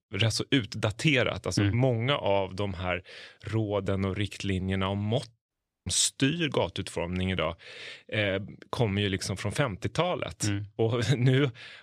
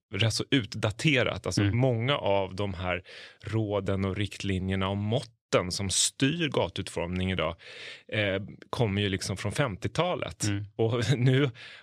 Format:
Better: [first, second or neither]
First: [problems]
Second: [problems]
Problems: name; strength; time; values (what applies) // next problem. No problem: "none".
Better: second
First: audio cutting out; at 5.5 s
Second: none